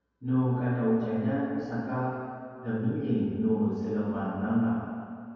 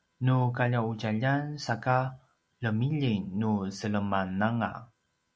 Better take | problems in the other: second | room echo; dies away in 2.2 s

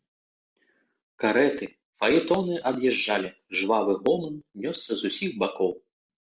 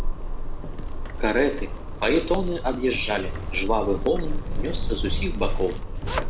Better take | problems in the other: first | background sound (Zipper (clothing)); 1 dB above the speech

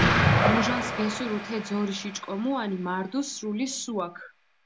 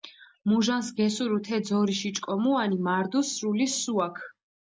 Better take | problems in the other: second | background sound (Explosion); 2 dB above the speech

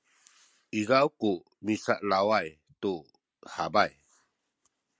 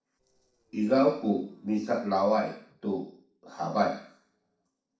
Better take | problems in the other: first | noise reduction (neural separator model SepFormer DNS4)

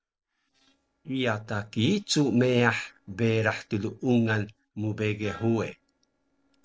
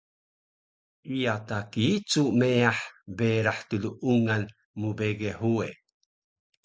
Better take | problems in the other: second | noise reduction (neural separator model SepFormer DNS4)

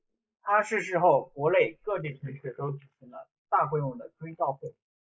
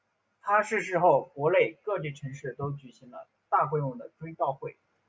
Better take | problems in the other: second | noise reduction (neural mask model Resemble Enhance denoiser)

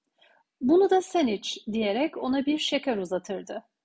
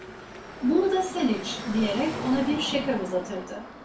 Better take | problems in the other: first | background sound (Car passing by / Traffic noise, roadway noise); 10 dB below the speech // room echo; dies away in 0.3 s

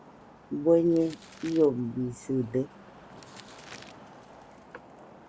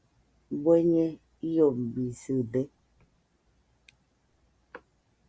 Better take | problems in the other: second | background sound (Traffic noise, roadway noise + Crumpling, crinkling); 20 dB below the speech

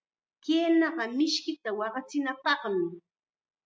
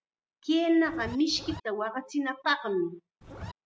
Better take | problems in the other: first | background sound (Zipper (clothing)); 12 dB below the speech

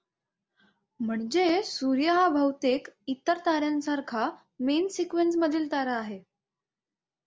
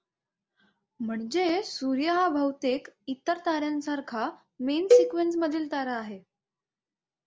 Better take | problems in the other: first | background sound (Cowbell); 4 dB above the speech

